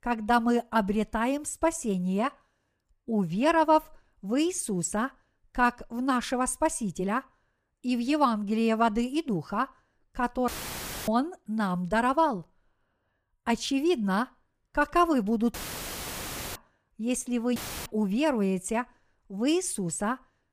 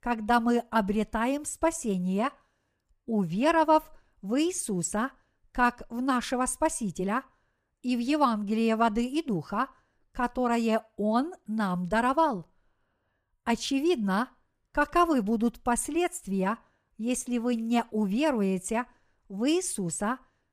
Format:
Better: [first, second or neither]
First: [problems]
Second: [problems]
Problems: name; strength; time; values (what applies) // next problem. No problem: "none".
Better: second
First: audio cutting out; filled with static; at 10 s for 0.5 s, at 16 s for 1 s and at 18 s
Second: none